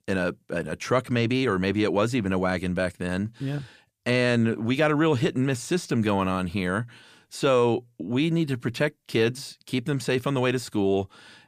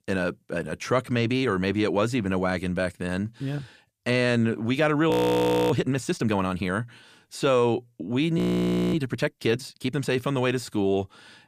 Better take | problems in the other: first | audio freezing; at 5 s for 0.5 s and at 8.5 s for 0.5 s

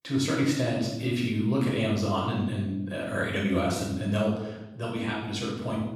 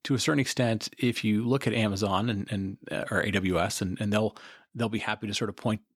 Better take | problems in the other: second | off-mic speech; far // room echo; noticeable; dies away in 0.9 s

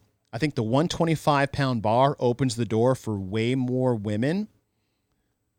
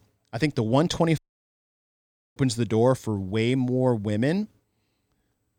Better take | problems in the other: first | audio cutting out; at 1 s for 1 s

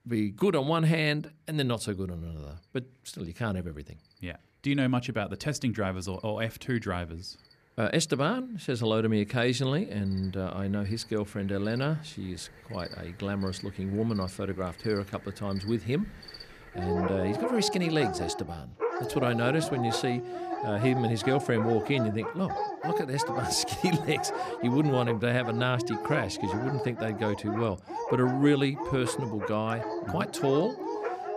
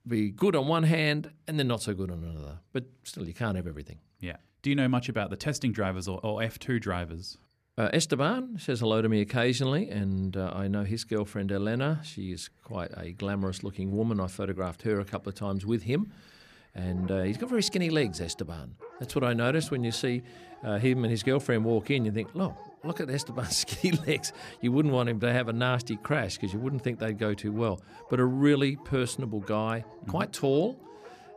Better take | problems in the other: second | animal sounds; loud; throughout; 6 dB below the speech; faint in the second

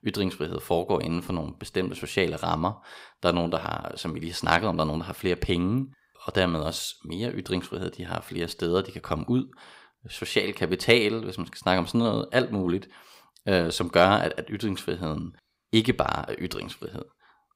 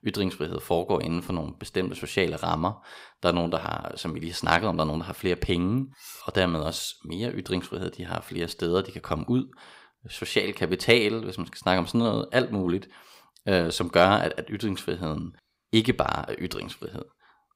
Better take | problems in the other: first | clattering dishes; faint; at 6 s; peak 15 dB below the speech

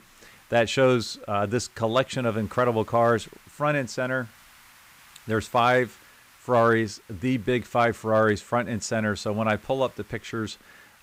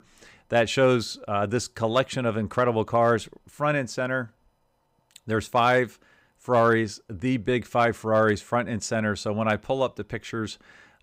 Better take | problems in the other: second | hiss; faint; throughout; 30 dB below the speech

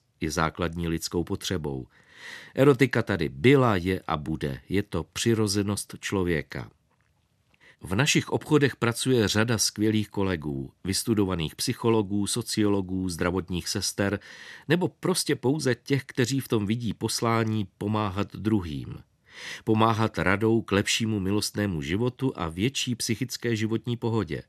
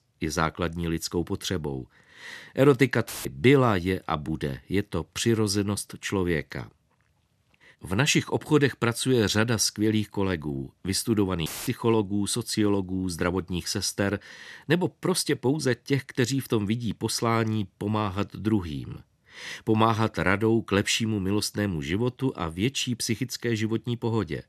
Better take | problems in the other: first | audio cutting out; filled with static; at 3 s and at 11 s

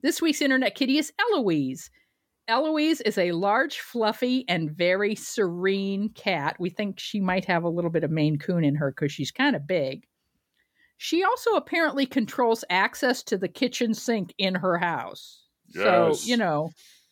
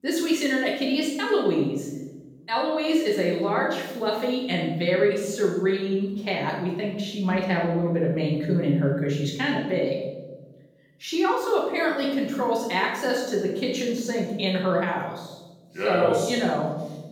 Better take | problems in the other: first | room echo; noticeable; dies away in 1 s // off-mic speech; far

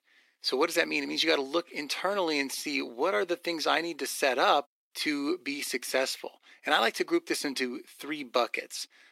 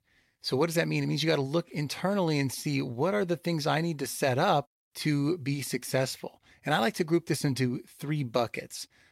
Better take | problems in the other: second | thin; somewhat; fading below 300 Hz

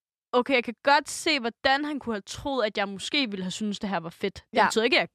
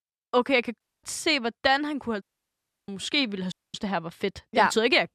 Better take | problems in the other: first | audio cutting out; at 1 s, at 2 s for 0.5 s and at 3.5 s

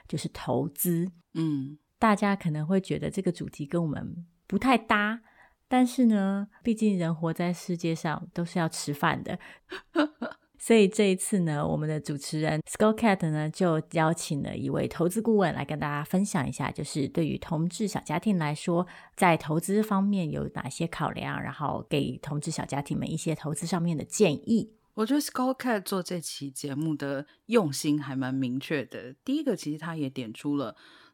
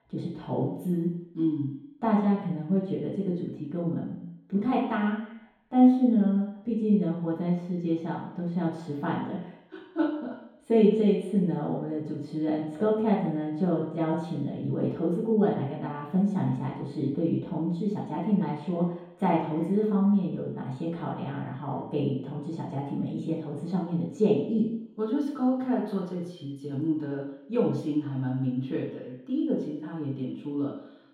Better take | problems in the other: first | room echo; noticeable; dies away in 2 s // off-mic speech; far

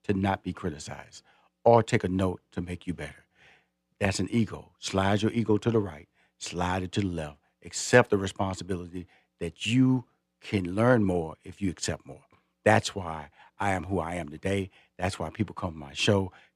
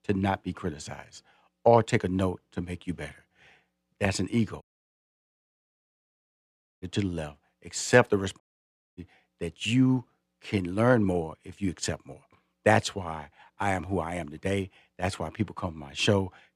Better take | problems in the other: first | audio cutting out; at 4.5 s for 2 s and at 8.5 s for 0.5 s

